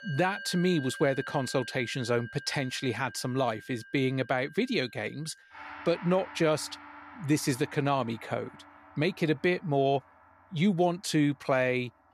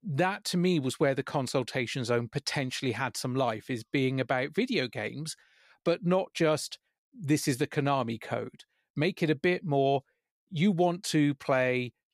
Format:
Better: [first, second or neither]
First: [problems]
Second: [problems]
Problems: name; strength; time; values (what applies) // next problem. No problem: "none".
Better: second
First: background music; noticeable; throughout; 15 dB below the speech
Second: none